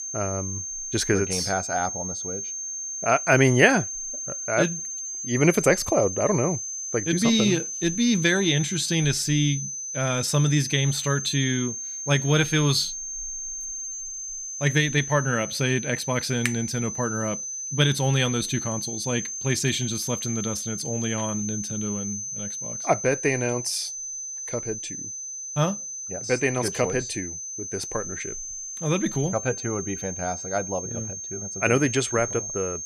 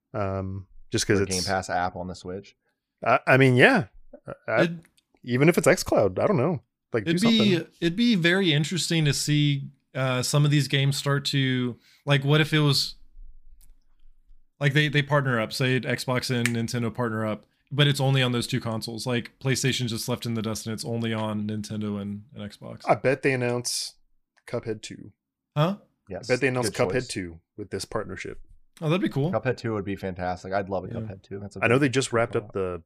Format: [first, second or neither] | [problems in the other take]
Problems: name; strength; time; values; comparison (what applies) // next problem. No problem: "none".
second | high-pitched whine; loud; throughout; 6.5 kHz, 6 dB below the speech